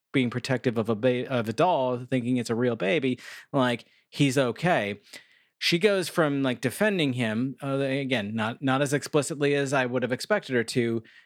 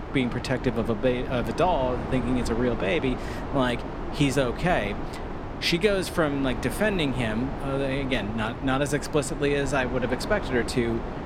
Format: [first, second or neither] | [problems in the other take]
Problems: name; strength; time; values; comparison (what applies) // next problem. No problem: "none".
first | wind noise on the microphone; heavy; 8 dB below the speech